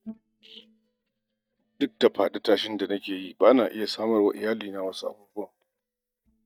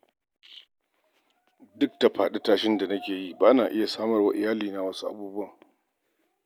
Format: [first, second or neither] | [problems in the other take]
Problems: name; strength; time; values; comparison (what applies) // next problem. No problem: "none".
second | noise reduction (neural mask model DeepFilterNet 3)